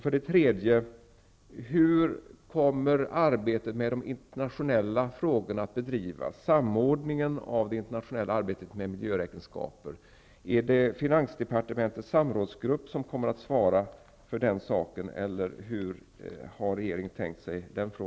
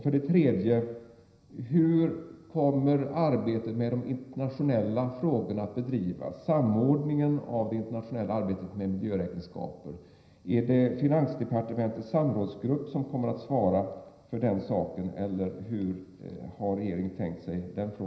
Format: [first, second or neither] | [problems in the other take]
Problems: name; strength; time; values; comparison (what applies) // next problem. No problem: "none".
first | room echo; dies away in 0.9 s